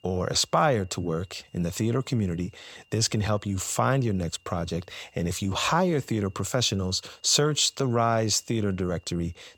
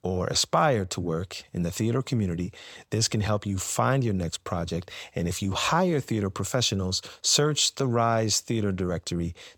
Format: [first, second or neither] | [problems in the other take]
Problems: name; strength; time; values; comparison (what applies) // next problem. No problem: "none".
second | high-pitched whine; faint; throughout; 3 kHz, 35 dB below the speech